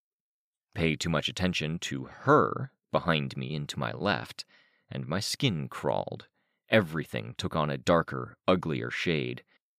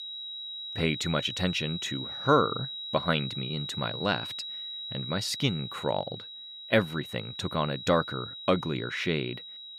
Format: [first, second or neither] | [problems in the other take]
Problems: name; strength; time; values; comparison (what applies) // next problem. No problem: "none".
first | high-pitched whine; loud; throughout; 4 kHz, 7 dB below the speech